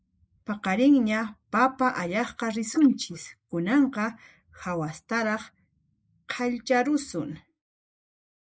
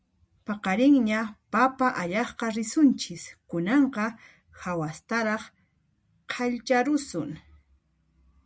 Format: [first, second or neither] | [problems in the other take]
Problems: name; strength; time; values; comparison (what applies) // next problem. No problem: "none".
second | noise reduction (neural mask model Resemble Enhance denoiser)